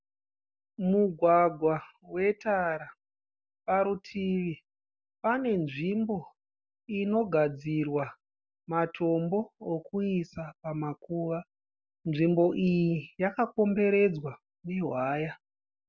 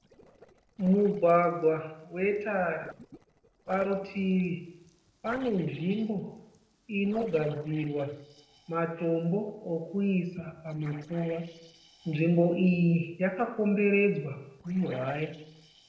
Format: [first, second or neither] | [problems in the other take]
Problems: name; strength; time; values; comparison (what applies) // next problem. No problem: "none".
first | noise reduction (neural separator model SepFormer DNS4)